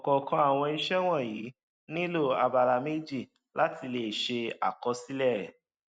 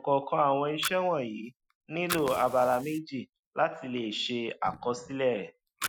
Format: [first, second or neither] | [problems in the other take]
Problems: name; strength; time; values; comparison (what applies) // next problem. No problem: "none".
first | noise reduction (classical method Wiener filter)